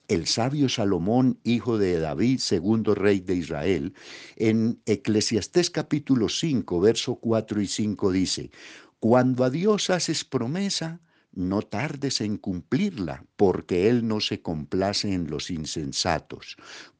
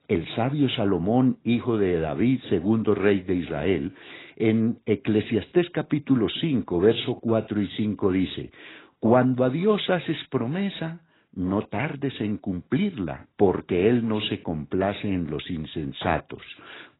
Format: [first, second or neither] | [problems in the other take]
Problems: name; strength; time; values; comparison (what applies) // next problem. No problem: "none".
first | garbled, watery; badly; nothing above 4 kHz